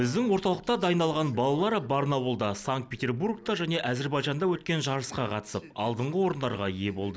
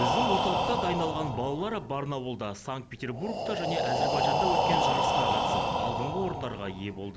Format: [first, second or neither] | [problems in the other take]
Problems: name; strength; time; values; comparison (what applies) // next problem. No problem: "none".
first | background sound (Breathing); 4 dB above the speech